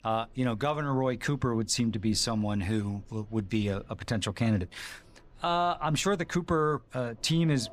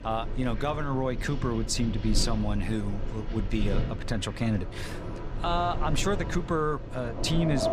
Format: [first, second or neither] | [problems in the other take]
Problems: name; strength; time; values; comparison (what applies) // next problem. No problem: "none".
first | wind in the background; loud; throughout; 5 dB below the speech; faint in the first